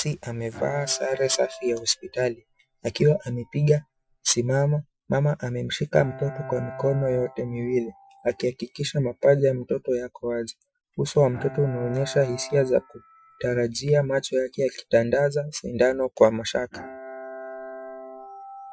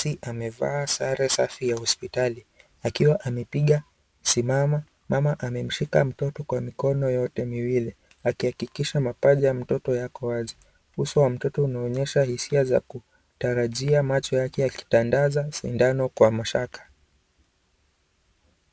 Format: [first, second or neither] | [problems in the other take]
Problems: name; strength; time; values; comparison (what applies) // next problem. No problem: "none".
second | noise reduction (classical method Wiener filter)